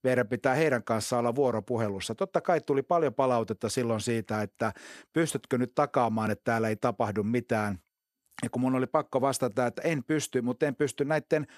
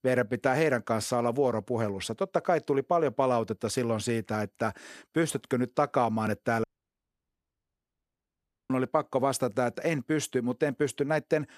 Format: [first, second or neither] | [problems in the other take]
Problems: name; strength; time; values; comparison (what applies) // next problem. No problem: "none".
first | audio cutting out; at 6.5 s for 2 s